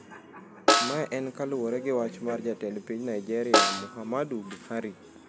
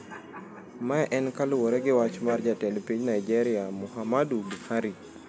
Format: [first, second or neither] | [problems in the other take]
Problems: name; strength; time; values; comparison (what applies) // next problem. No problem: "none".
second | background sound (Snare drum); 3 dB above the speech